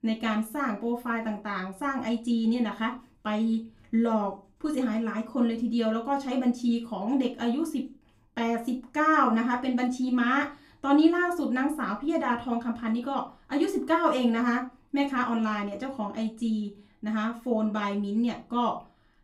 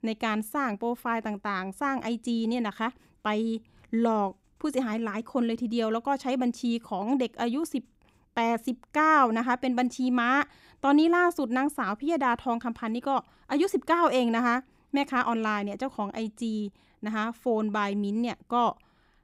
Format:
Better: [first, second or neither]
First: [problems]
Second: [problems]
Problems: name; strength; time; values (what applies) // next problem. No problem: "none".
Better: second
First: off-mic speech; far // room echo; very slight; dies away in 0.3 s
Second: none